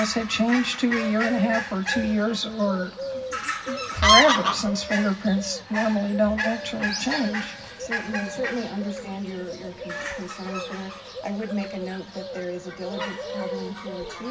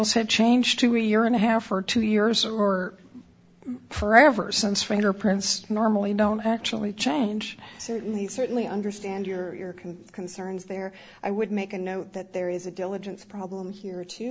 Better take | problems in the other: second | background sound (Fowl); 3 dB below the speech // room echo; dies away in 0.4 s

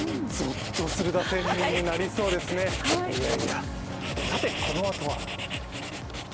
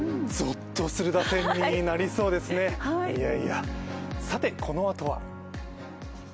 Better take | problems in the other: second | background sound (Writing); 4 dB below the speech

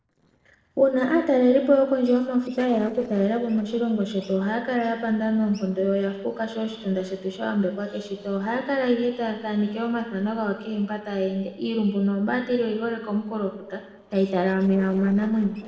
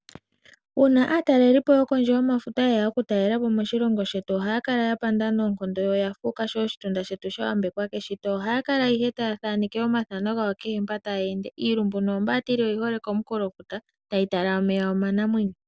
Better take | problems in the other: second | noise reduction (neural separator model SepFormer DNS4)

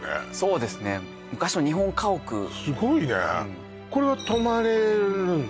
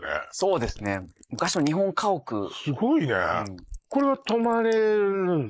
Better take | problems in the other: first | noise reduction (neural mask model Resemble Enhance denoiser)

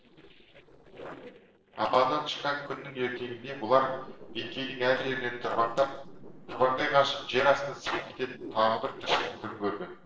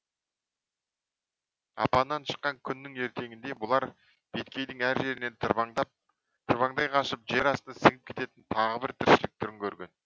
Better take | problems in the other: second | noise reduction (neural separator model SepFormer DNS4)

